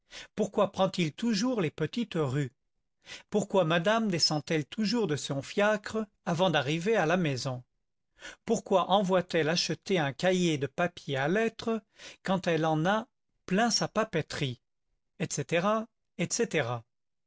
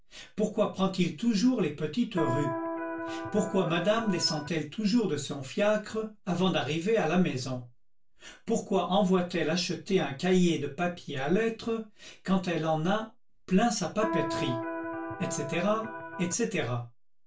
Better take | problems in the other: first | background sound (Electric guitar); 6 dB below the speech // room echo; dies away in 0.2 s

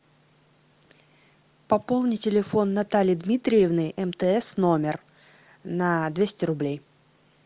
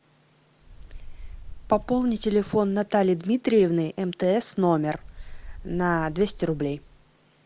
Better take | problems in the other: first | background sound (Wind); 15 dB below the speech

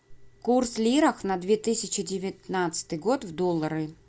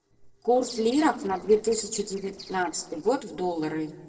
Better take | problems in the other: first | noise reduction (neural separator model SepFormer DNS4)

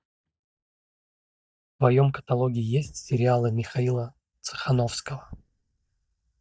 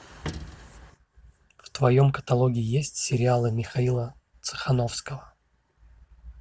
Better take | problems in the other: second | noise reduction (neural mask model DeepFilterNet 3)

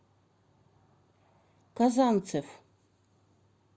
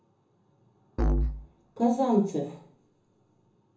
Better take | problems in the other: first | background sound (Musical instrument); 1 dB below the speech // room echo; dies away in 0.7 s

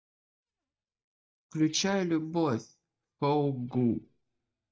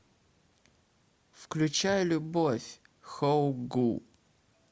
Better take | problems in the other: second | noise reduction (neural mask model DeepFilterNet 3)

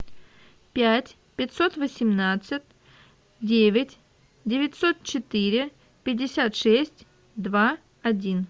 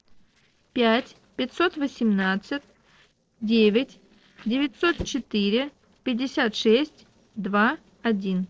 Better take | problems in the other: first | noise reduction (neural separator model SepFormer DNS4)

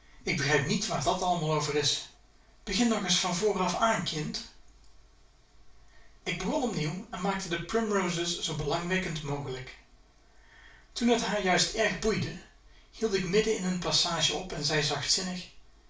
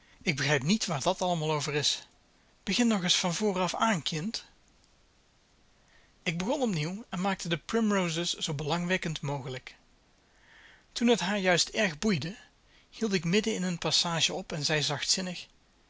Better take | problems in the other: second | room echo; dies away in 0.3 s

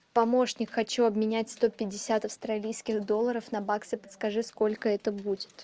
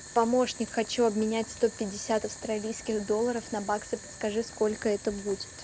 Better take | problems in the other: first | background sound (Boiling); 14 dB below the speech

